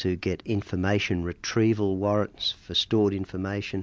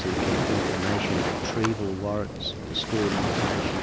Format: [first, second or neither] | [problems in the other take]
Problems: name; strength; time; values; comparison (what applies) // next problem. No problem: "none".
first | background sound (Waves, surf); 2 dB above the speech